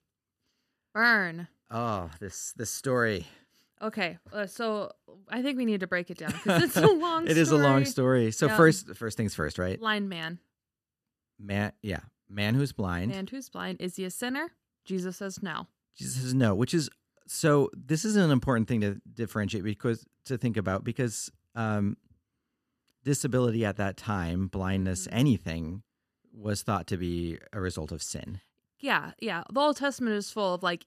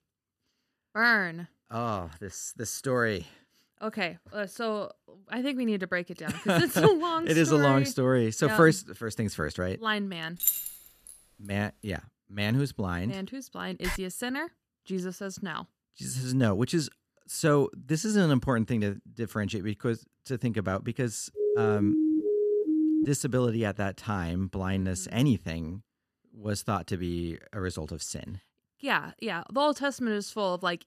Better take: first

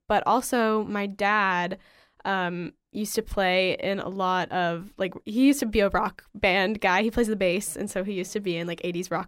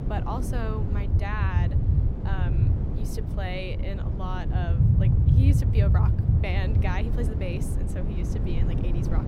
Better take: first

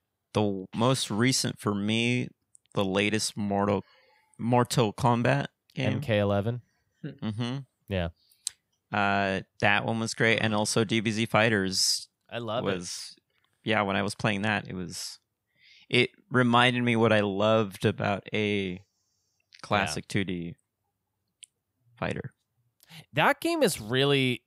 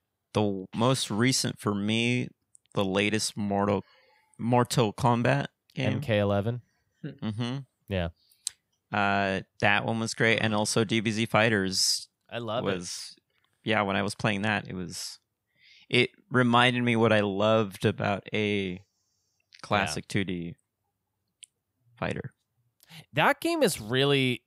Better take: neither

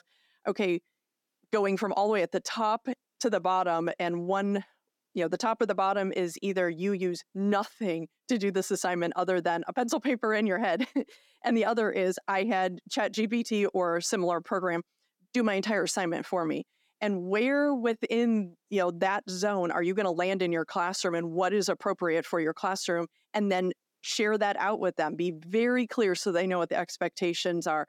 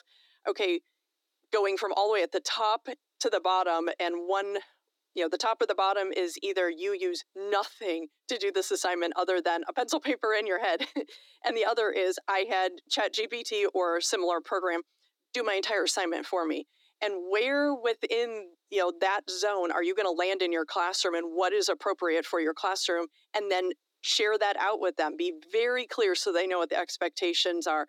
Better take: first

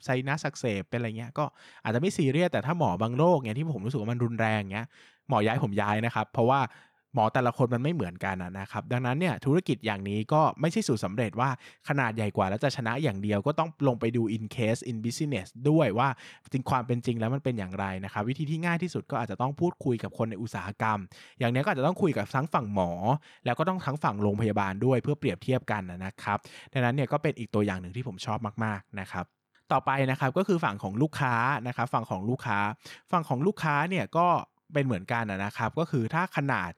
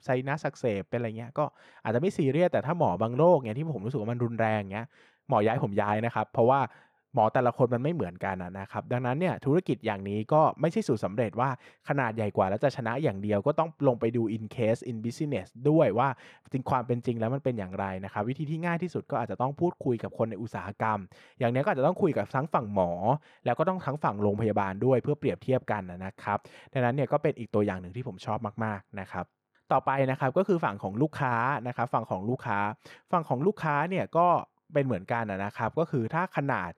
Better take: first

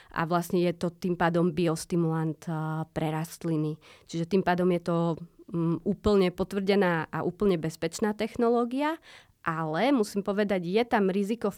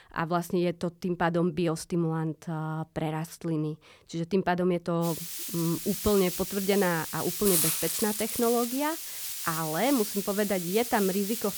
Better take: first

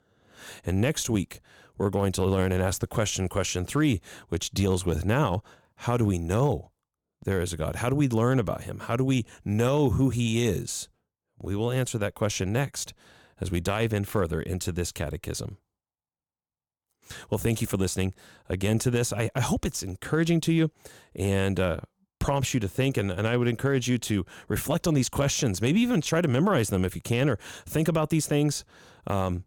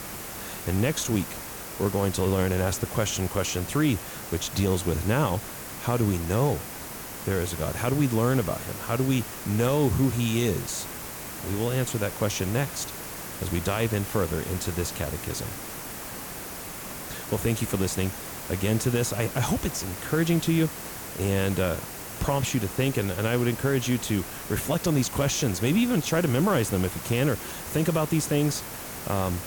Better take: first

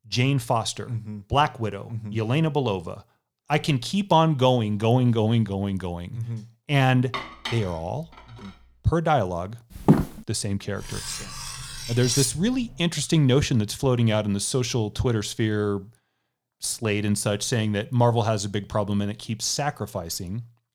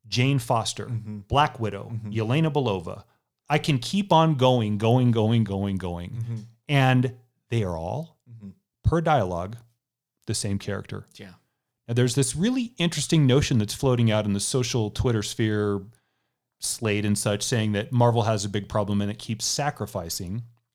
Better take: second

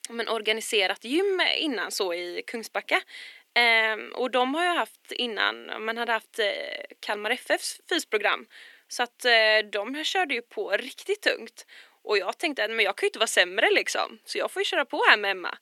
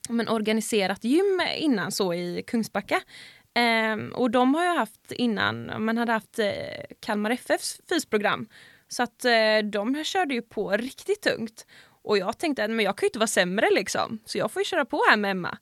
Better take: second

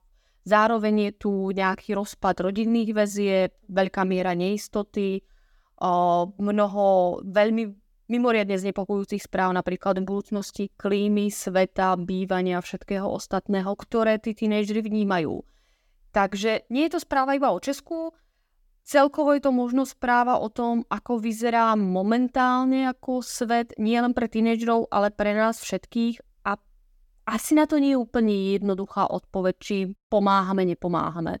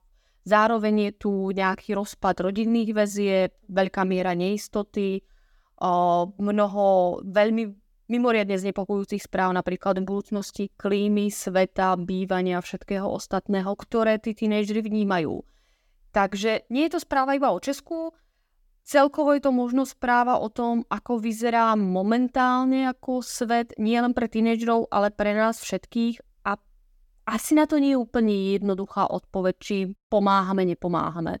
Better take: neither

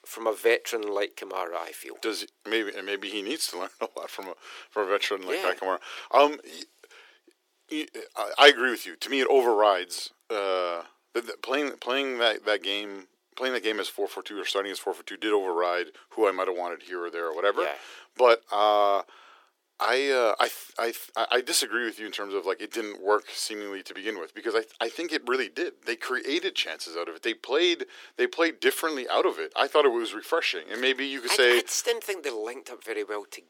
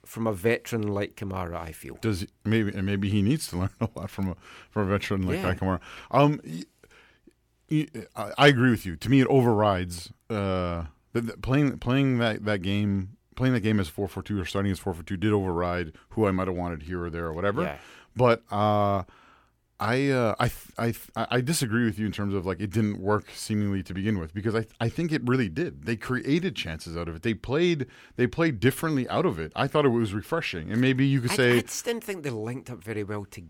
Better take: second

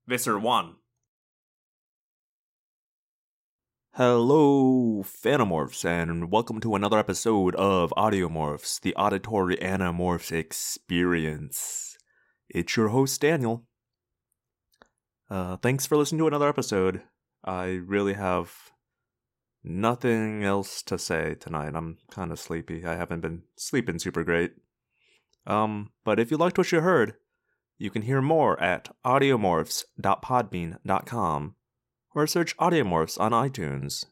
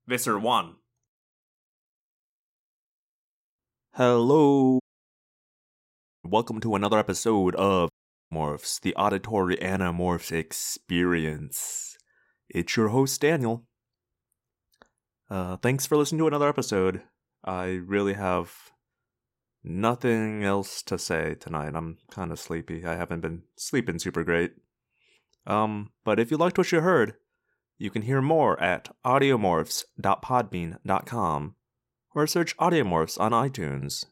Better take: first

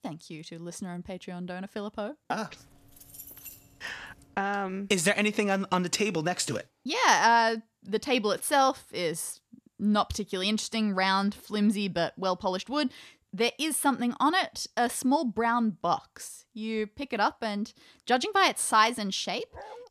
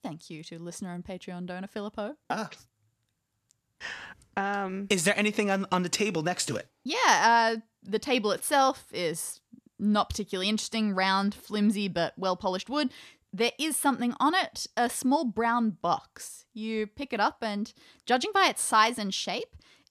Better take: second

